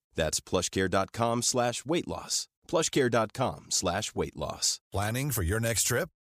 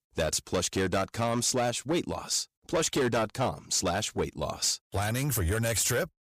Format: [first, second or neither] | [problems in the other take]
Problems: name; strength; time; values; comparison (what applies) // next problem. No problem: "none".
first | distortion; slight; 10% of the sound clipped